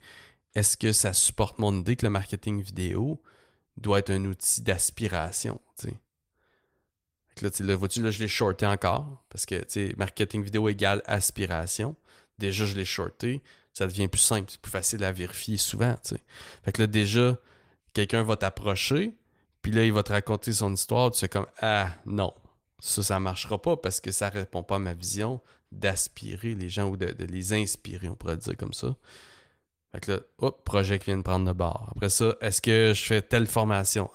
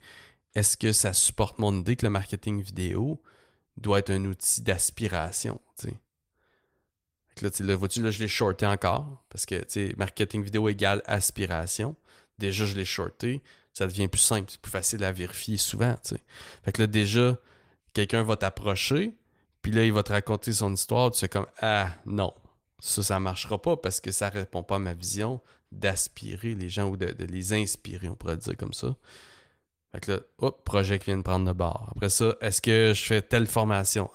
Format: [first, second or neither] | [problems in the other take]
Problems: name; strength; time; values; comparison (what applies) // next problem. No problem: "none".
neither | garbled, watery; slightly; nothing above 16 kHz; the same in both